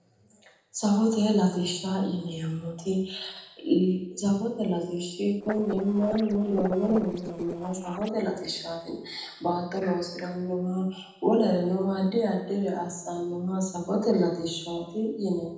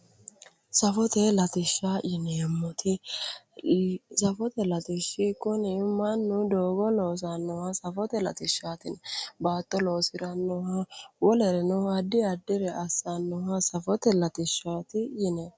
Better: second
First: noise reduction (neural separator model SepFormer DNS4)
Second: none

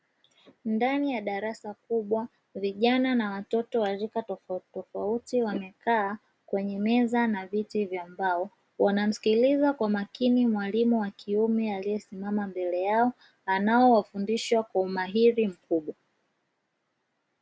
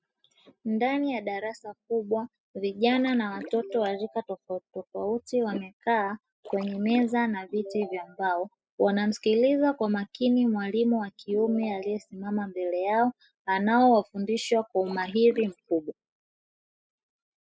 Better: first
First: none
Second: noise reduction (classical method spectral subtraction)

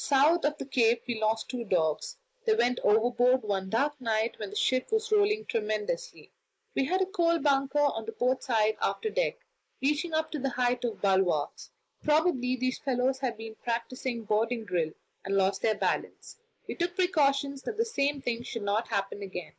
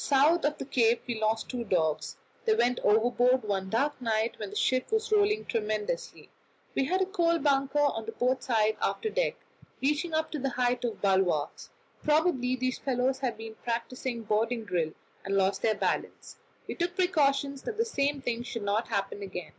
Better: second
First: noise reduction (neural mask model Resemble Enhance denoiser)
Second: none

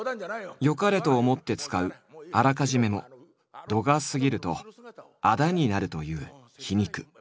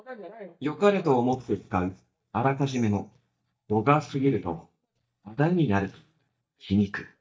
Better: first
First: none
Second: noise reduction (neural mask model DeepFilterNet 3)

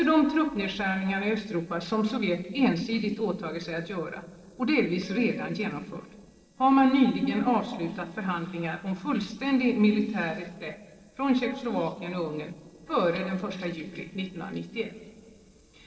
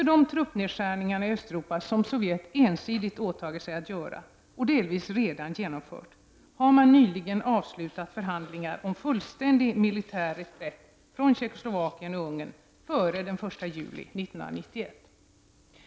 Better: second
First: noise reduction (neural separator model SepFormer DNS4)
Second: none

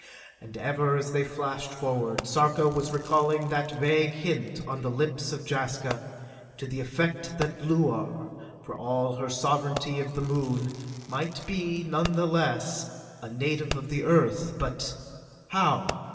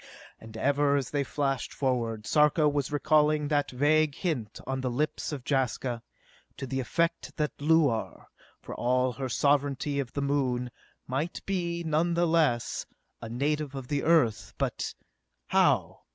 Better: second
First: background sound (Fireworks); 16 dB below the speech // room echo; dies away in 2.5 s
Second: none

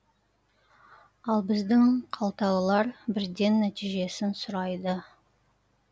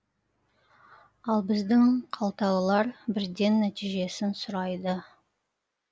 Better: first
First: none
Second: noise reduction (neural mask model Resemble Enhance denoiser)

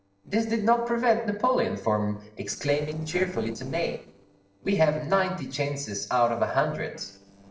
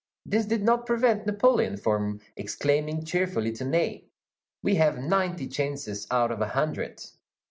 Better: second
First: noise reduction (neural separator model SepFormer DNS4)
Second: none

